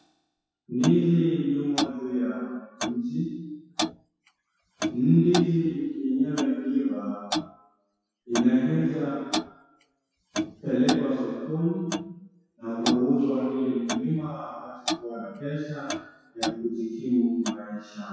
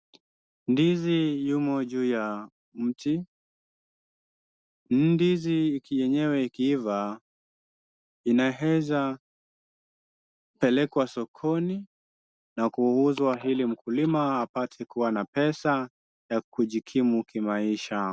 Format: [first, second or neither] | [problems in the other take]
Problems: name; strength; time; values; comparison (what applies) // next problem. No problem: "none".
second | noise reduction (classical method WPE with log-MMSE)